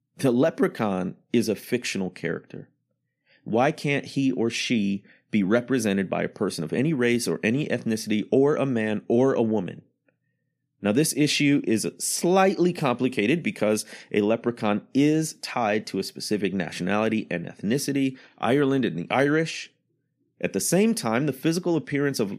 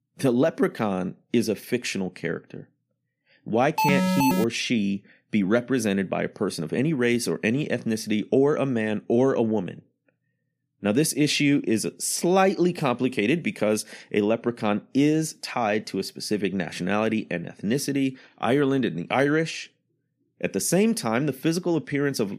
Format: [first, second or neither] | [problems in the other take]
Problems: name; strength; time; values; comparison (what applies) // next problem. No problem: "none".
first | alarm; loud; at 4 s; peak 2 dB above the speech